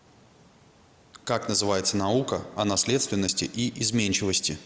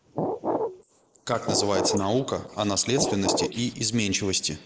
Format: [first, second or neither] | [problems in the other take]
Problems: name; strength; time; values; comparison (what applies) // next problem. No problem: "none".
first | noise reduction (neural mask model Resemble Enhance denoiser)